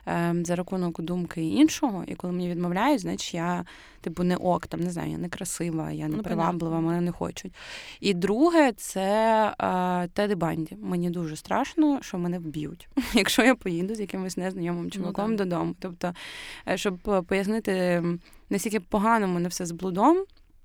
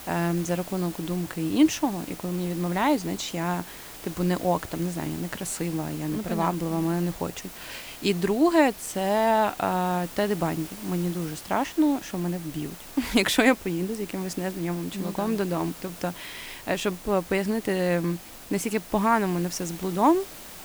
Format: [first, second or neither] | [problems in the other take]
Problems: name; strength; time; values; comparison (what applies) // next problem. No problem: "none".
first | hiss; noticeable; throughout; 15 dB below the speech